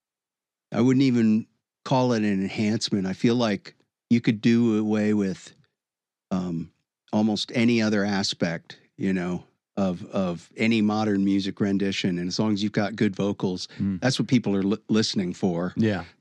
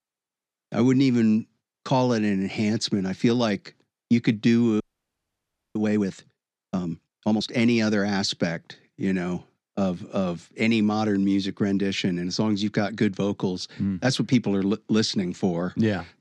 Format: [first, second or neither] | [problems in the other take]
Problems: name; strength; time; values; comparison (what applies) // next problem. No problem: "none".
first | audio freezing; at 5 s for 1 s